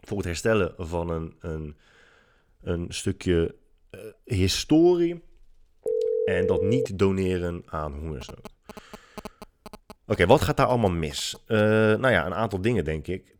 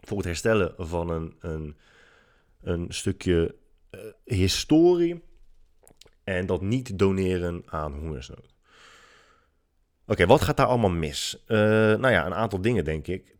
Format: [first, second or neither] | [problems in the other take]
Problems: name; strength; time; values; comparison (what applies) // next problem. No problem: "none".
second | phone ringing; noticeable; from 6 to 7 s; peak 1 dB below the speech // phone ringing; faint; from 8 to 12 s; peak 15 dB below the speech